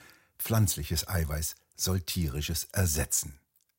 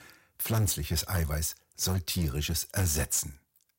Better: first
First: none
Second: distortion; slight; 7% of the sound clipped

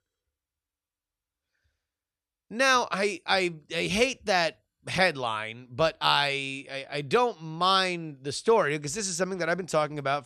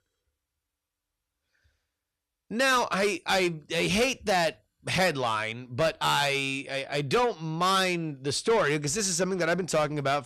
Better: first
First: none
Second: distortion; heavy; 8 dB below the speech

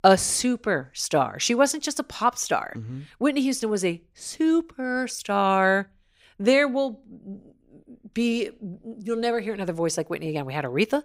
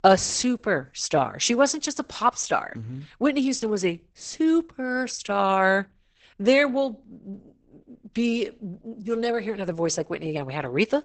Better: first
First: none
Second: garbled, watery; badly; nothing above 8 kHz

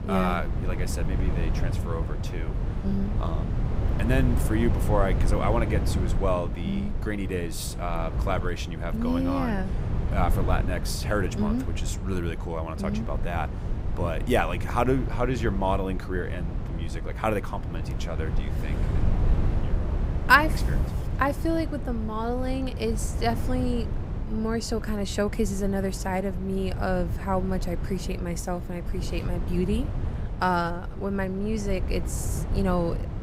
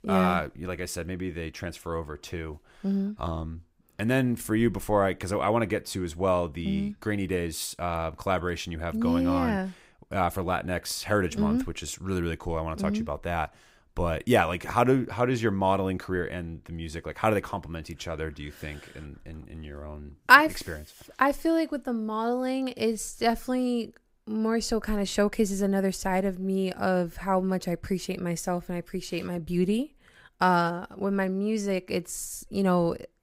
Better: second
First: wind noise on the microphone; occasional gusts; 10 dB below the speech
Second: none

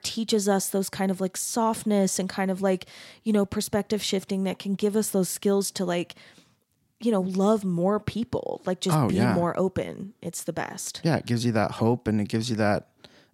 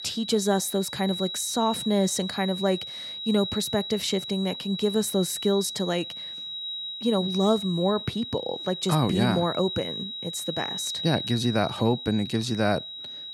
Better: first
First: none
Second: high-pitched whine; loud; throughout; 4 kHz, 6 dB below the speech

